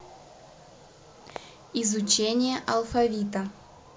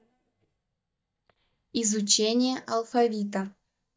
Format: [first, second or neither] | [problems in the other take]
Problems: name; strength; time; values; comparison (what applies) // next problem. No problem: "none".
first | noise reduction (neural mask model DeepFilterNet 3)